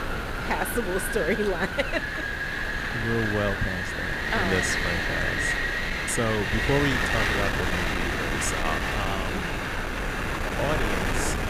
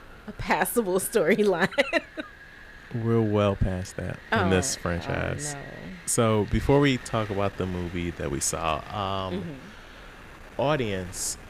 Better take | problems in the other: second | wind noise on the microphone; heavy; 4 dB above the speech; occasional gusts in the second

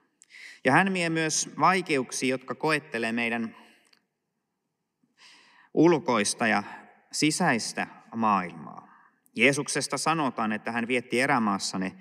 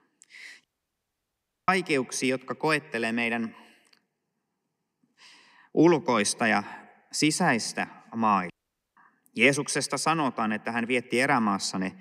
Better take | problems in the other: first | audio cutting out; at 0.5 s for 1 s and at 8.5 s

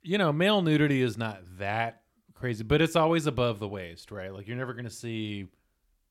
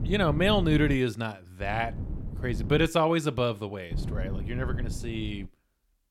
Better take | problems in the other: first | wind noise on the microphone; occasional gusts; at the start, from 1.5 to 3 s and from 4 to 5.5 s; 15 dB below the speech

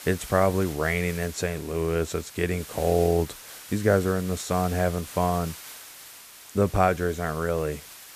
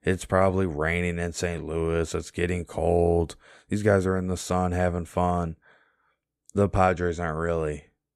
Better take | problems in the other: second | hiss; noticeable; throughout; 15 dB below the speech

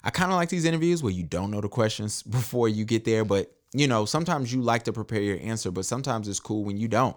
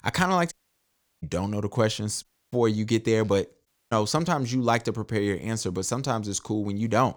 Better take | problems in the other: first | audio cutting out; at 0.5 s for 0.5 s, at 2 s and at 3.5 s

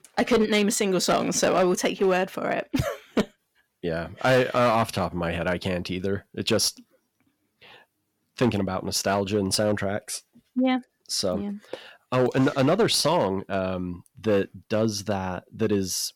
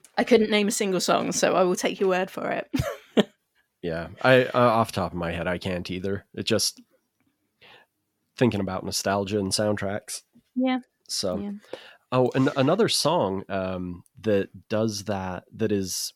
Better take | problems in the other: second | distortion; slight; 4% of the sound clipped

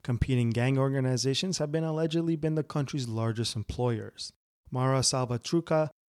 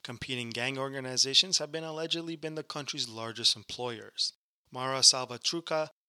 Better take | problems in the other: first | thin; somewhat; fading below 850 Hz

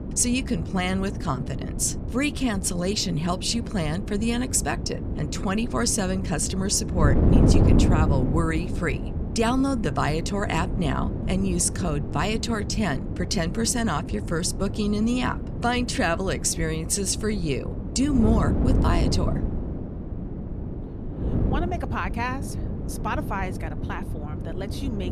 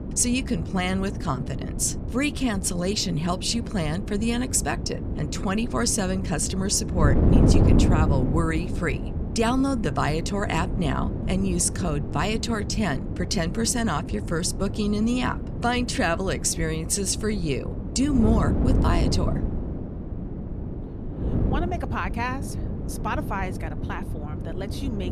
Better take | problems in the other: neither | wind noise on the microphone; heavy; 8 dB below the speech; the same in both

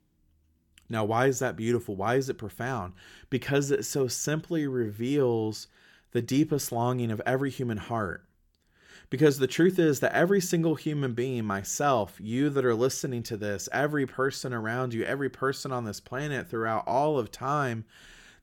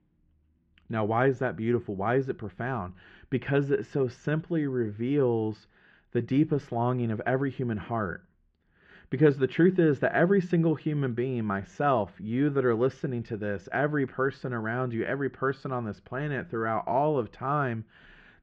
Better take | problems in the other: first | muffled; very; fading above 2.5 kHz

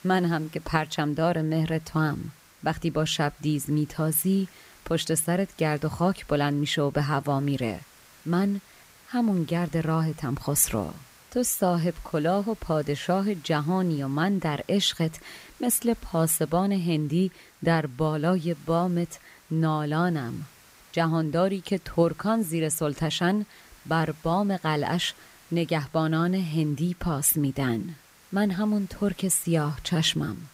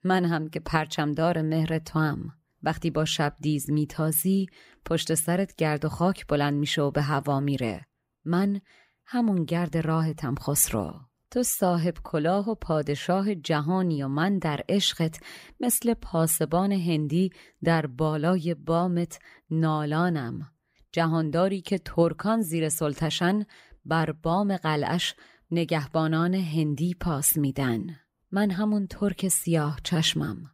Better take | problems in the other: second | hiss; faint; throughout; 25 dB below the speech

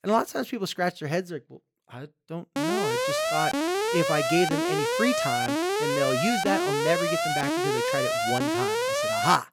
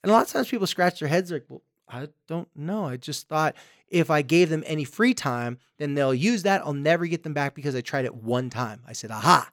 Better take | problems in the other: second | alarm; loud; from 2.5 s on; peak 4 dB above the speech

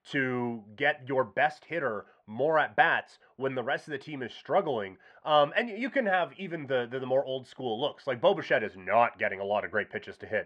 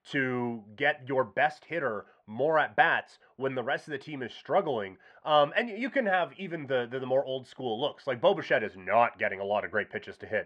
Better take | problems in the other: neither | muffled; very; fading above 2.5 kHz; the same in both

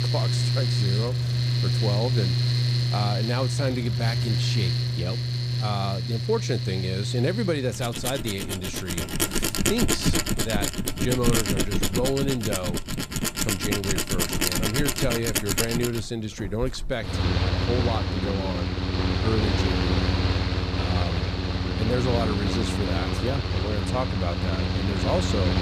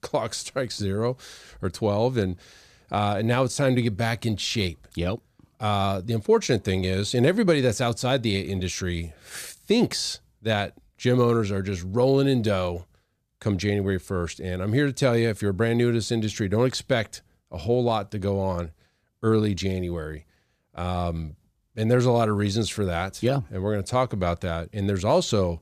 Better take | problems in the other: second | machinery noise; very loud; throughout; 4 dB above the speech

